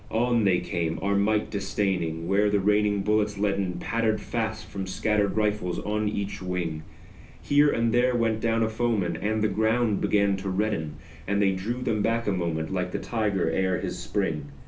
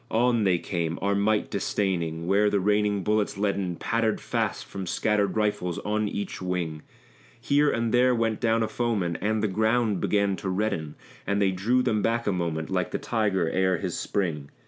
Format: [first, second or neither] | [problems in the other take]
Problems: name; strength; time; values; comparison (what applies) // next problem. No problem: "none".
second | background sound (Cricket); 14 dB below the speech // room echo; dies away in 0.3 s